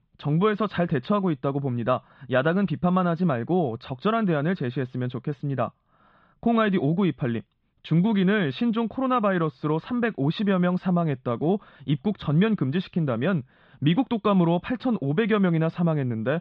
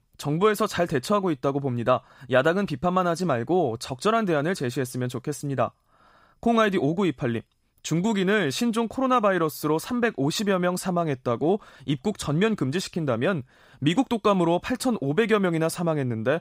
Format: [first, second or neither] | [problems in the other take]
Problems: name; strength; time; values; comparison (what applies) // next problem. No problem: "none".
second | muffled; very; fading above 3.5 kHz